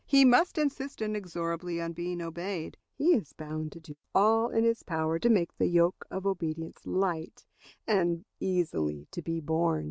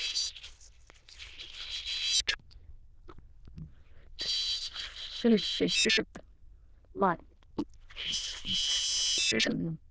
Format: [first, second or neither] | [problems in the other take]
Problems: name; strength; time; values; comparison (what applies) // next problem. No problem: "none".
first | noise reduction (neural diffusion model UNIVERSE++)